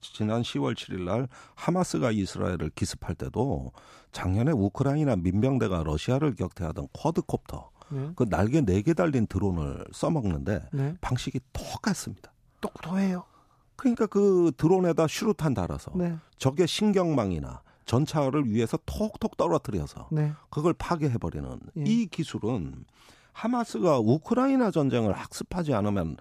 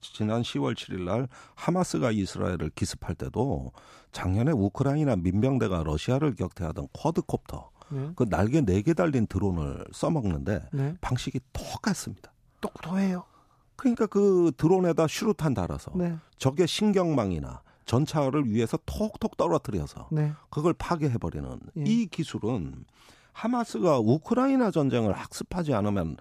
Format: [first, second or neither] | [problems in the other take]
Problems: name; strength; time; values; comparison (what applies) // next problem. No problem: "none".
neither | none